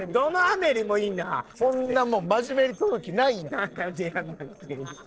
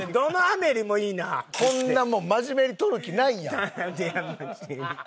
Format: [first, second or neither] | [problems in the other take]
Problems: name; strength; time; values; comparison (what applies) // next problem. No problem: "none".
second | noise reduction (neural separator model SepFormer DNS4)